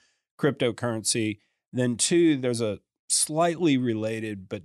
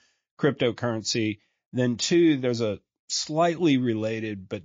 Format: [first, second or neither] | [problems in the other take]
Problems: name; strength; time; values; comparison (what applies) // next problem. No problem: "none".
first | garbled, watery; slightly